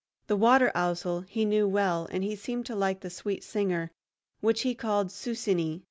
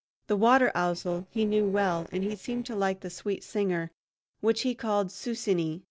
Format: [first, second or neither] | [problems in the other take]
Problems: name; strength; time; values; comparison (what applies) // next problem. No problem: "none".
first | noise reduction (neural separator model SepFormer DNS4)